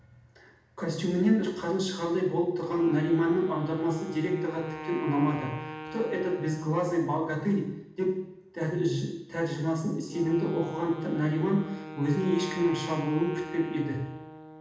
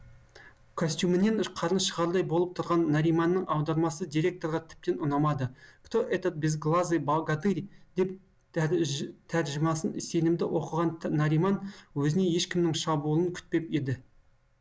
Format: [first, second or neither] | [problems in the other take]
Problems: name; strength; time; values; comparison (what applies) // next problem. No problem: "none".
second | background sound (Wind instrument, woodwind instrument); 14 dB below the speech // room echo; dies away in 0.8 s